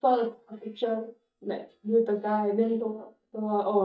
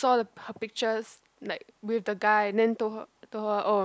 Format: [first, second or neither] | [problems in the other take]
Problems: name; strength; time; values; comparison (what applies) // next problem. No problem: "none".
second | noise reduction (neural mask model DeepFilterNet 3)